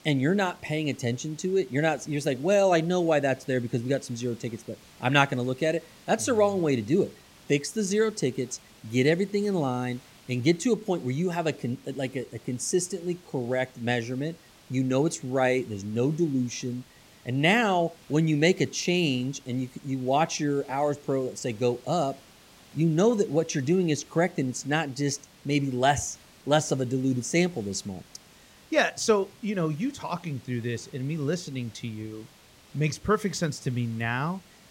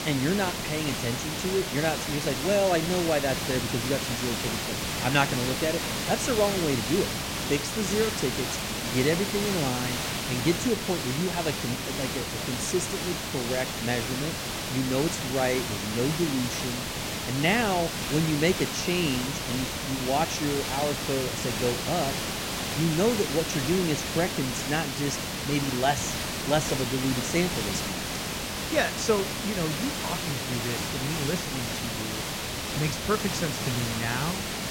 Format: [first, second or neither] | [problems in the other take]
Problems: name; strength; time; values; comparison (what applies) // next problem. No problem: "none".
first | hiss; loud; throughout; 1 dB below the speech; faint in the first